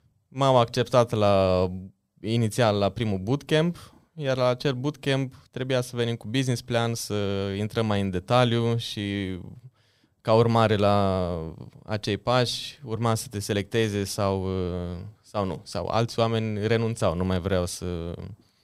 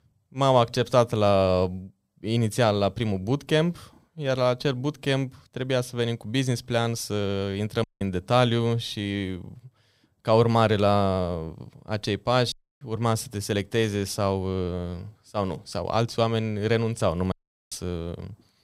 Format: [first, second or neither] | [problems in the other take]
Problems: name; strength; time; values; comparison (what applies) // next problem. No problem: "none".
first | audio cutting out; at 8 s, at 13 s and at 17 s